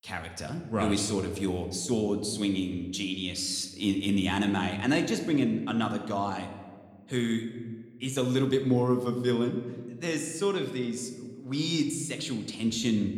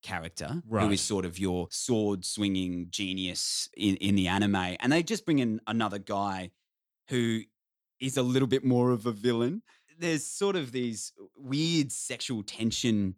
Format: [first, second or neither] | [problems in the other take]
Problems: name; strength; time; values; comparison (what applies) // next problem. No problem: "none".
second | room echo; very slight; dies away in 1.2 s